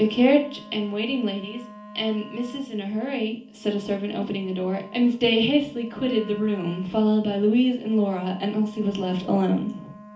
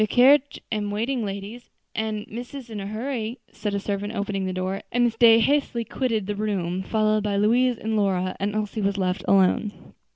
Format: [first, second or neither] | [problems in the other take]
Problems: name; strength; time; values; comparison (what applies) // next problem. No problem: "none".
second | background sound (Wind instrument, woodwind instrument); 20 dB below the speech // room echo; dies away in 0.4 s